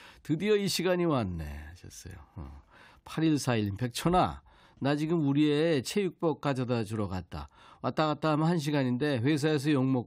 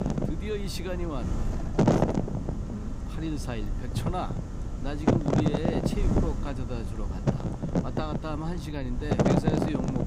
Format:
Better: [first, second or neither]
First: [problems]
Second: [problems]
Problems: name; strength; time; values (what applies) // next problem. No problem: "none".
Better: first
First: none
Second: wind noise on the microphone; heavy; 5 dB above the speech